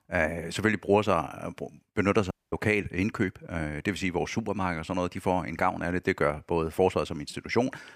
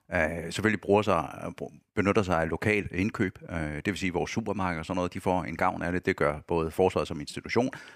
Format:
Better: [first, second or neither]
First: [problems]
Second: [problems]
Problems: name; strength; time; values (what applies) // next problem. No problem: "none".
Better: second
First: audio cutting out; at 2.5 s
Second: none